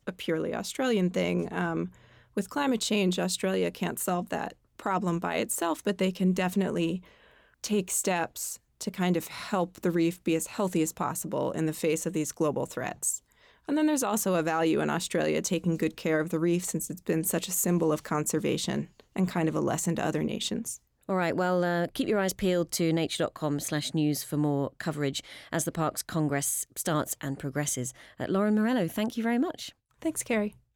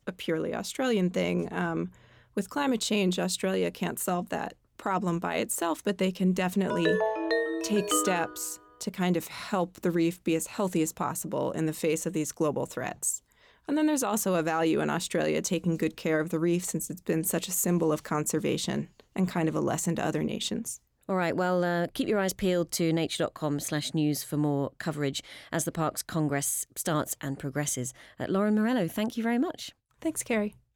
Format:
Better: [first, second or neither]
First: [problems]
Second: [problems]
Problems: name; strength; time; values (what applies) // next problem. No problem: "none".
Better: first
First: none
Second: phone ringing; loud; from 6.5 to 8.5 s; peak 2 dB above the speech